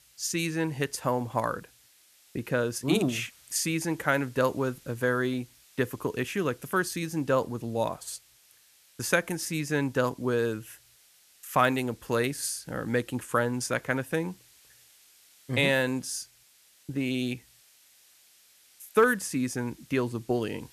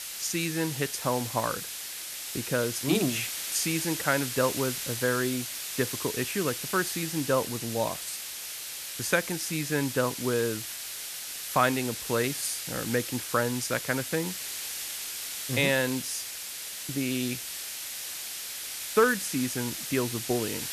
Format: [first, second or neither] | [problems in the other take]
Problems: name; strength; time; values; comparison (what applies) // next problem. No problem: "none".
first | hiss; loud; throughout; 4 dB below the speech; faint in the first